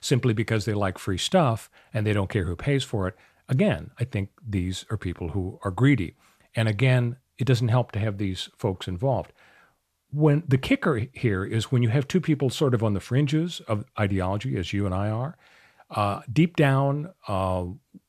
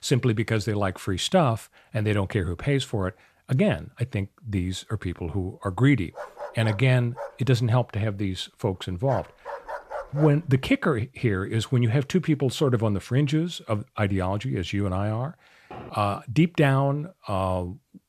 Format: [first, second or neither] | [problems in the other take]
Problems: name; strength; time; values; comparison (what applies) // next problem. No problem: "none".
first | dog barking; noticeable; from 6 to 10 s; peak 9 dB below the speech // door banging; faint; at 16 s; peak 15 dB below the speech